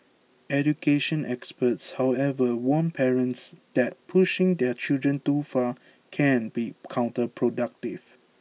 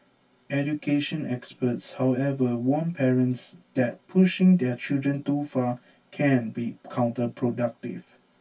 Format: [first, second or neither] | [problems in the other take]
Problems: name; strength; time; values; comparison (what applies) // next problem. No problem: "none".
first | room echo; dies away in 0.1 s